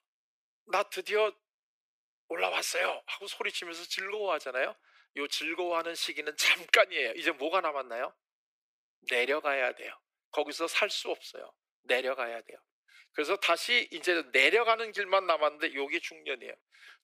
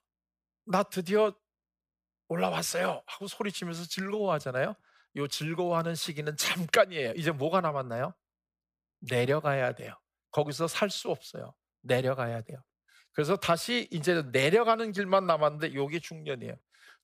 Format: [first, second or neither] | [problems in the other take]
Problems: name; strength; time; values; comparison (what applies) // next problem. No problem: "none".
second | thin; very; fading below 300 Hz